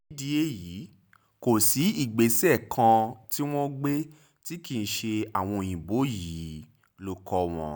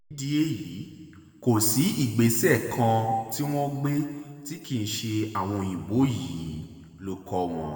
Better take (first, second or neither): first